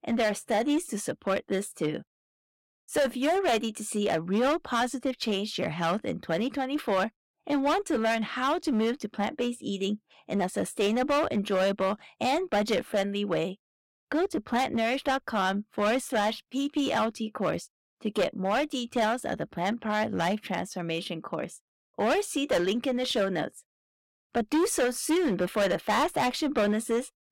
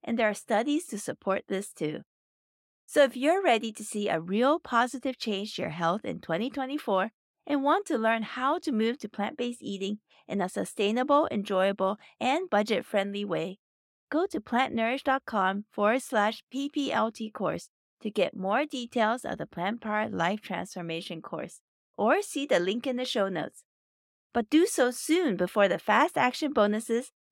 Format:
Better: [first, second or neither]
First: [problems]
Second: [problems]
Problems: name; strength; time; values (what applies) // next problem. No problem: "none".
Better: second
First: distortion; heavy; 10% of the sound clipped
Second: none